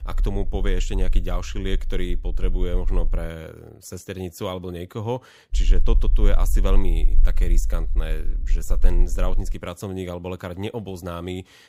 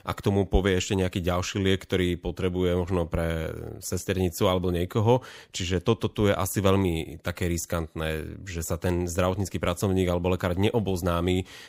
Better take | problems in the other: second | low rumble; noticeable; until 3 s and from 5.5 to 9.5 s; 20 dB below the speech

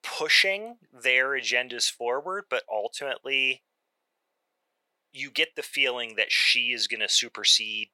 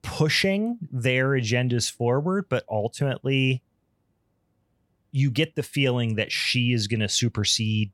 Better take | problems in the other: second | thin; very; fading below 500 Hz

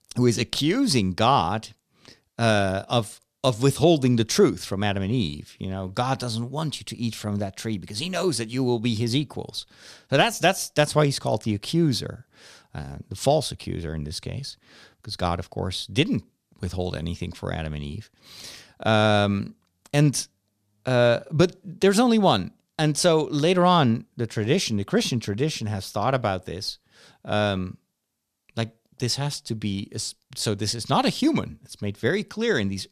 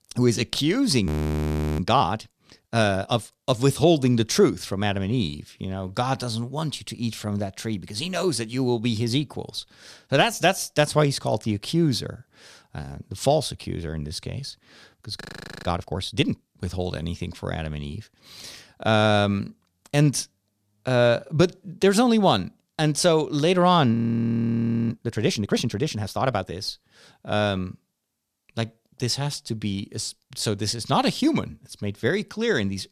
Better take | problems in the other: first | audio freezing; at 1 s for 0.5 s, at 15 s and at 24 s for 1 s

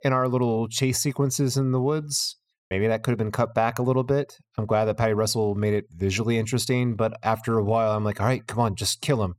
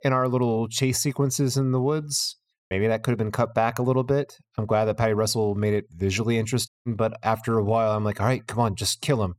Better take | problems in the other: first | audio cutting out; at 6.5 s

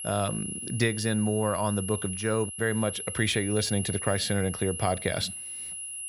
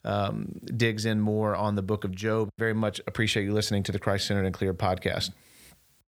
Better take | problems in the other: second | high-pitched whine; loud; throughout; 11 kHz, 6 dB below the speech

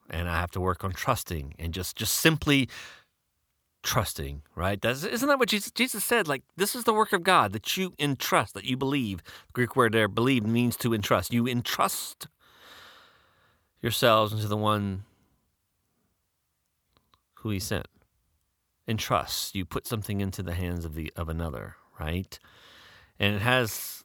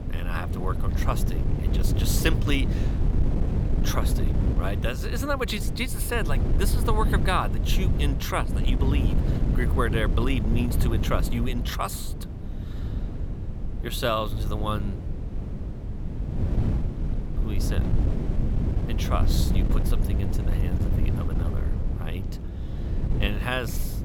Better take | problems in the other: first | wind noise on the microphone; heavy; 8 dB below the speech

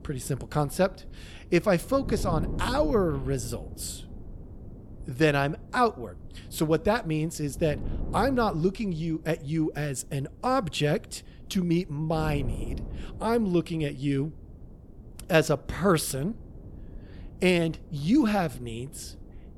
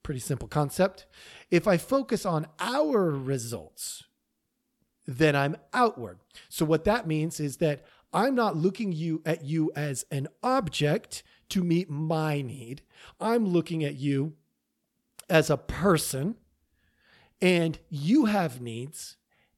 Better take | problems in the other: second | wind noise on the microphone; occasional gusts; 20 dB below the speech

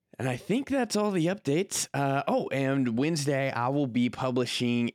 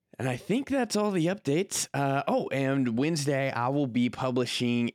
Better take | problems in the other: neither | none

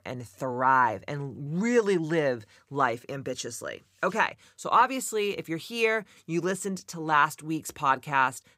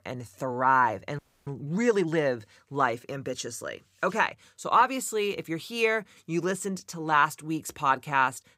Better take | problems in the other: first | audio freezing; at 1 s

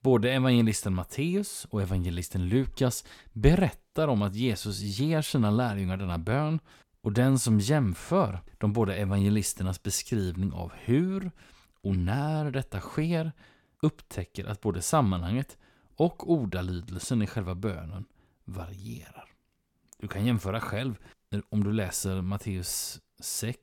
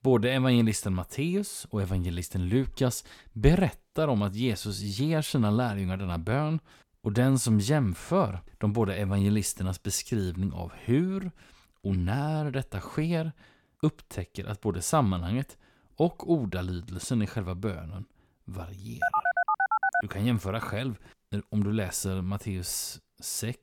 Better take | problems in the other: first | phone ringing; loud; at 19 s; peak 3 dB above the speech

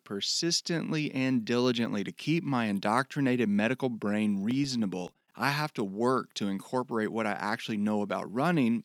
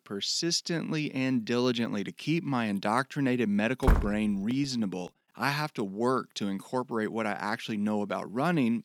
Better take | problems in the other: first | door banging; loud; at 4 s; peak 2 dB above the speech

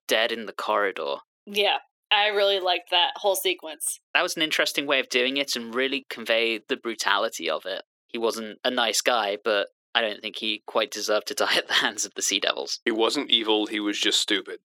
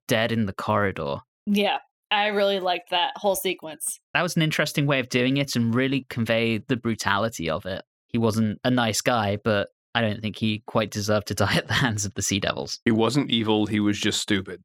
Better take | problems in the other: second | thin; somewhat; fading below 350 Hz

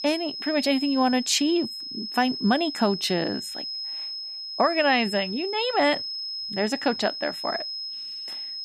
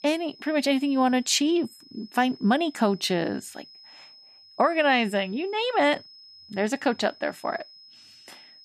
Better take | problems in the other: second | high-pitched whine; loud; throughout; 5 kHz, 6 dB below the speech; faint in the second

